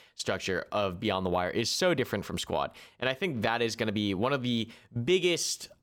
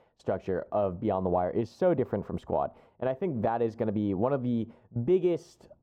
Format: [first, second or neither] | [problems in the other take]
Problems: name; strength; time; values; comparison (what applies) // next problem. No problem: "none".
first | muffled; very; fading above 1.5 kHz